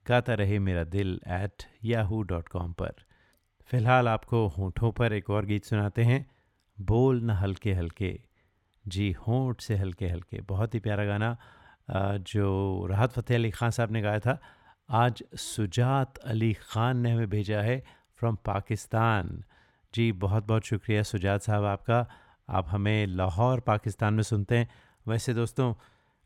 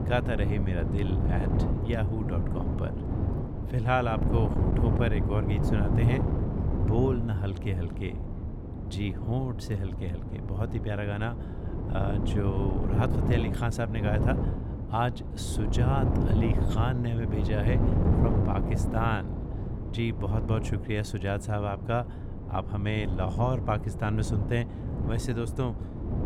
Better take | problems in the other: first | wind noise on the microphone; heavy; 4 dB below the speech

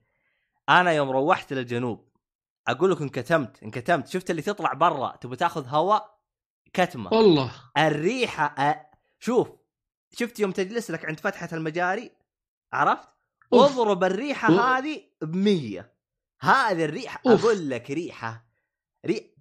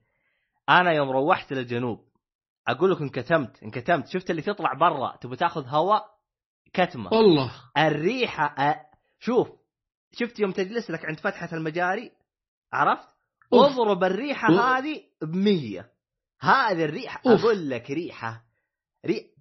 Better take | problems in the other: first | garbled, watery; slightly; nothing above 6 kHz

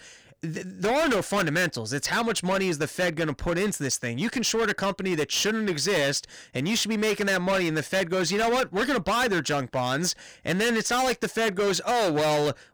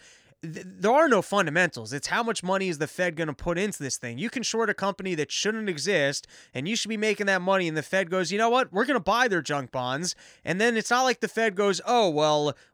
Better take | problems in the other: second | distortion; heavy; 21% of the sound clipped

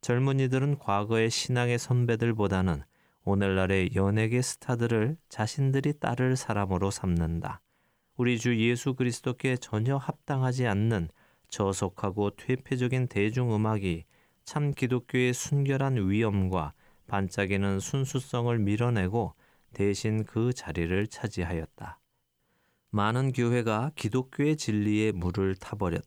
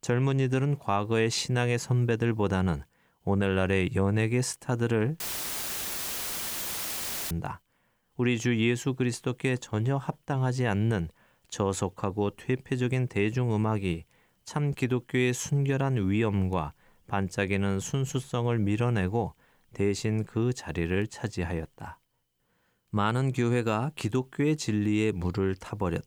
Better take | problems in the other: first | audio cutting out; filled with static; at 5 s for 2 s

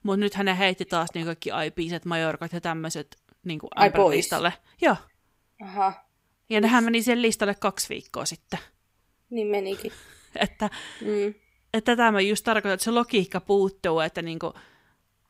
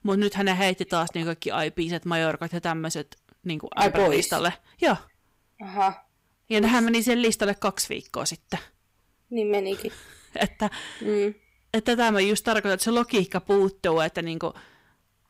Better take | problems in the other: first | distortion; slight; 3% of the sound clipped

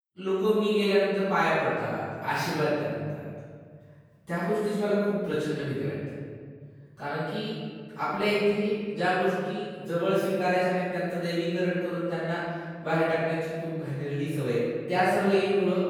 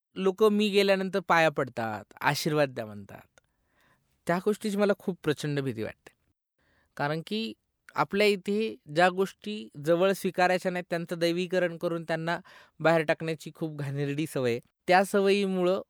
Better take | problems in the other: second | off-mic speech; far // room echo; strong; dies away in 2 s

